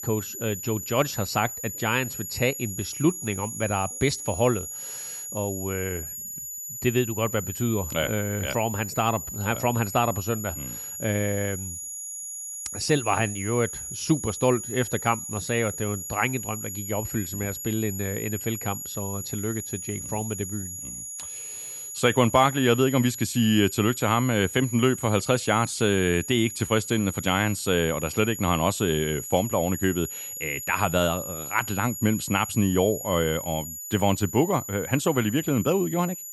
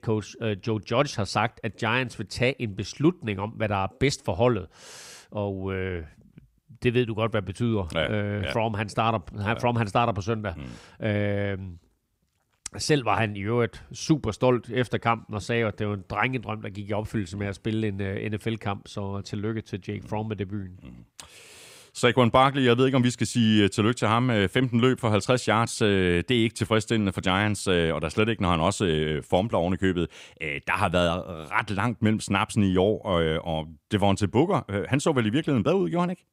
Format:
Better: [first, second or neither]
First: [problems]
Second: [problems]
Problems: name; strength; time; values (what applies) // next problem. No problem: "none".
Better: second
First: high-pitched whine; loud; throughout; 7 kHz, 8 dB below the speech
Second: none